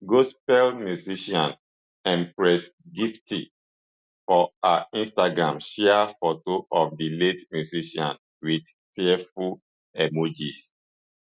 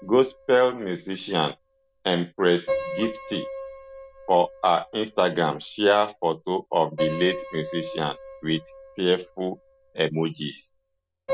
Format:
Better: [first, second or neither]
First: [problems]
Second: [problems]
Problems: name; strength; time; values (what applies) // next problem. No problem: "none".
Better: first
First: none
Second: background sound (Piano); 11 dB below the speech